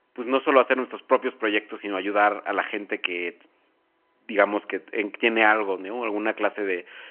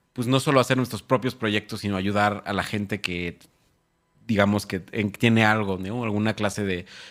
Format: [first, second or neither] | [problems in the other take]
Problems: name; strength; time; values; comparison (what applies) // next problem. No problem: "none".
second | phone-call audio